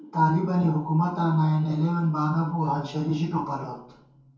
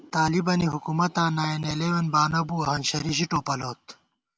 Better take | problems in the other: second | room echo; dies away in 0.6 s

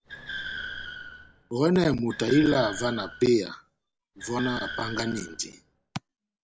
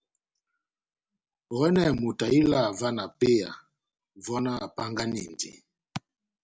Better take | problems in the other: second | background sound (Car); 12 dB below the speech

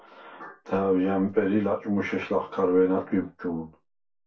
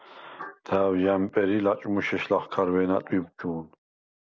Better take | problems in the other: second | room echo; dies away in 0.2 s

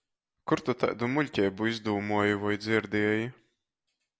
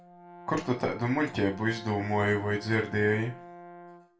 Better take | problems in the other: first | background sound (Brass instrument); 17 dB below the speech // room echo; dies away in 0.3 s

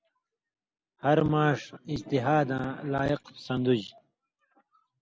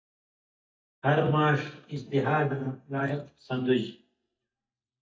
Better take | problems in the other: first | noise reduction (neural mask model DeepFilterNet 3)

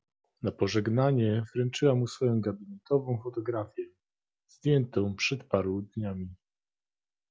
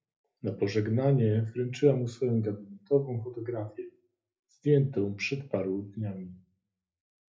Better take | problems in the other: first | room echo; dies away in 0.3 s

